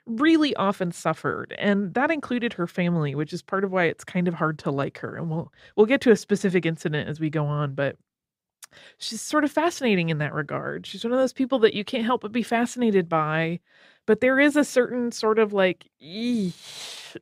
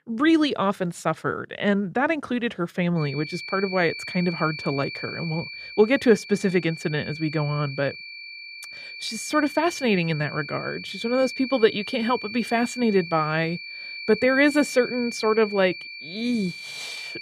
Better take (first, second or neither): first